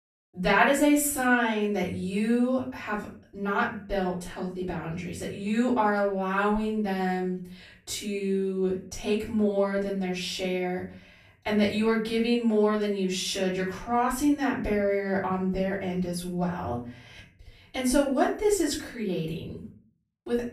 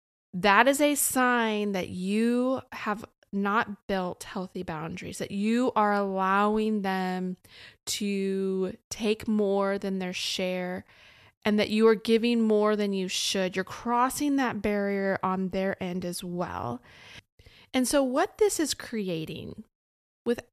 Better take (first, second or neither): second